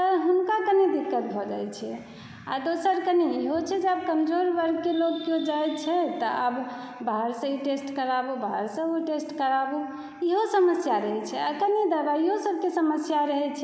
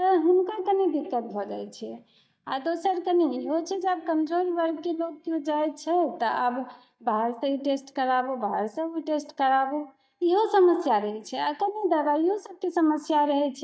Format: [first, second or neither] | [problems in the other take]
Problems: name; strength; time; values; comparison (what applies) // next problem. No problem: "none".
first | noise reduction (neural mask model DeepFilterNet 3)